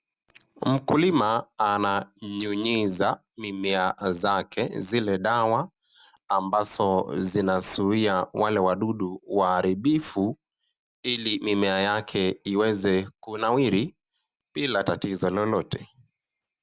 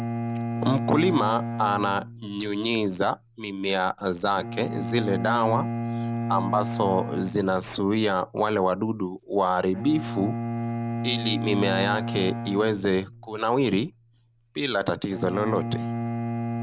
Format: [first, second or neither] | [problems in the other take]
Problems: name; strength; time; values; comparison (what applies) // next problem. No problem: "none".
first | background sound (Bowed string instrument); 6 dB below the speech